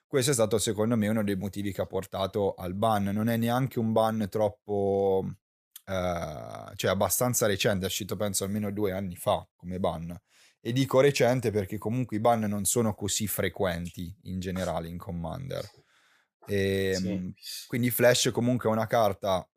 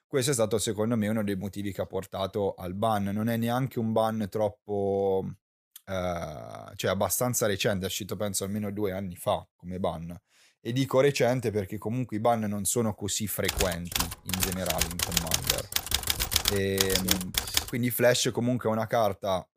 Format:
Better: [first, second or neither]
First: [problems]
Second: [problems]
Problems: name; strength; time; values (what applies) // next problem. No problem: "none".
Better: first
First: none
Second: keyboard typing; loud; from 13 to 18 s; peak 4 dB above the speech